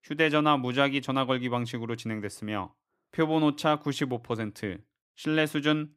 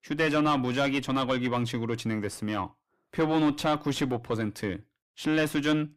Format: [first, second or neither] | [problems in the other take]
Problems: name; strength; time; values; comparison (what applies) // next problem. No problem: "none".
first | distortion; heavy; 6 dB below the speech